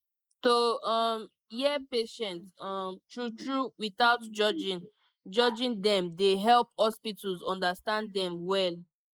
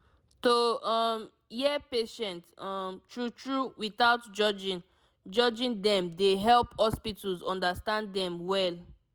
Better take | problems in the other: second | noise reduction (neural mask model Resemble Enhance denoiser)

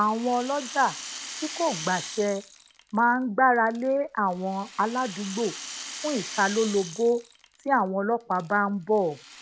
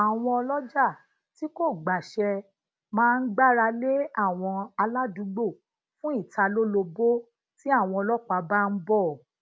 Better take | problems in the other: second | background sound (Rattle); 14 dB below the speech

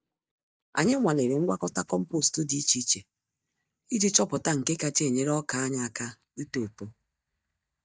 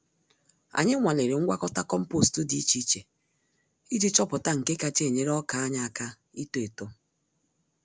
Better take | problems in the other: second | noise reduction (neural mask model DeepFilterNet 3)

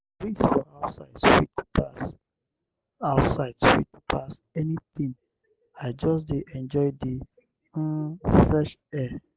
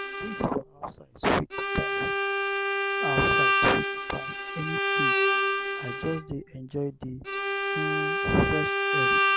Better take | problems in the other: first | background sound (Bowed string instrument); 5 dB above the speech

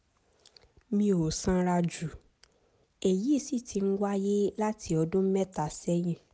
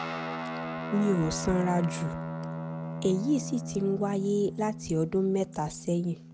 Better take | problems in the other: first | background sound (Guitar); 7 dB below the speech

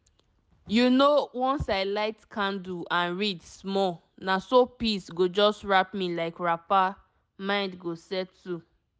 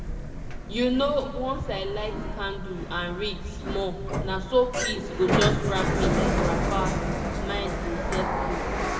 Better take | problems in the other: first | background sound (Sliding door); 1 dB above the speech // room echo; dies away in 2 s

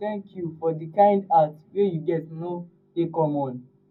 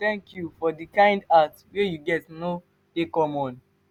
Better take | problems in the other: second | room echo; dies away in 0.4 s

